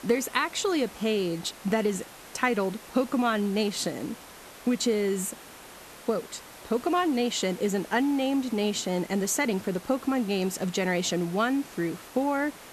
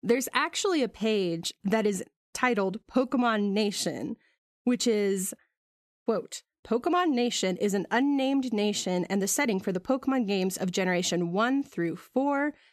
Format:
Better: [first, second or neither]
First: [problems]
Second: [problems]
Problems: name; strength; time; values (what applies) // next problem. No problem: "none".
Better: second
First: hiss; noticeable; throughout; 15 dB below the speech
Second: none